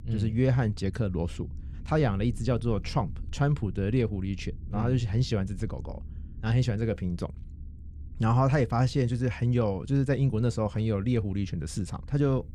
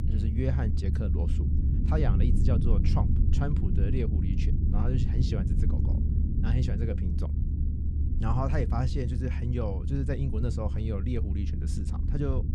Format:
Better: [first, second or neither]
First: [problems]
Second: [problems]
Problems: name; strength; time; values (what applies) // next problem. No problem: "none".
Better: first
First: low rumble; faint; throughout; 25 dB below the speech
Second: low rumble; loud; throughout; 4 dB below the speech